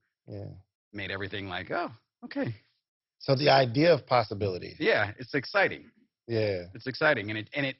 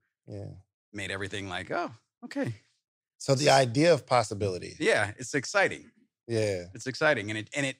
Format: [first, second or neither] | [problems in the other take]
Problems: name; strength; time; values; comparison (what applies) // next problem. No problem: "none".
second | garbled, watery; badly; nothing above 5.5 kHz